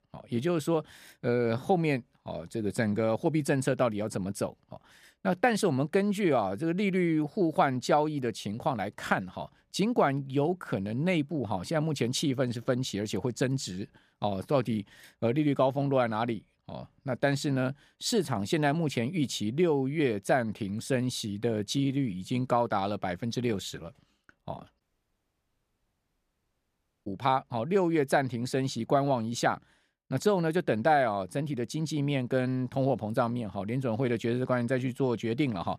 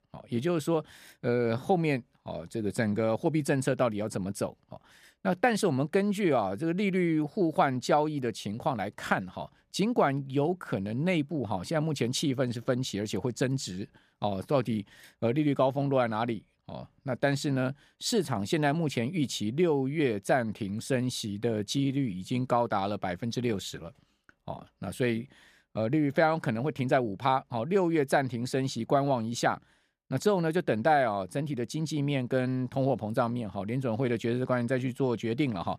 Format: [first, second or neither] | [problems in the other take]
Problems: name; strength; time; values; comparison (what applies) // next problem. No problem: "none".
second | audio cutting out; at 25 s for 2.5 s